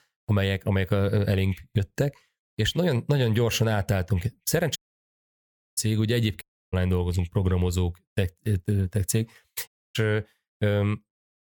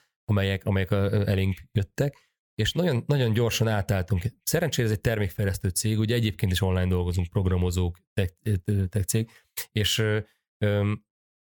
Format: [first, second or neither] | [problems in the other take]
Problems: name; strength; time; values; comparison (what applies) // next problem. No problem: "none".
second | audio cutting out; at 5 s for 1 s, at 6.5 s and at 9.5 s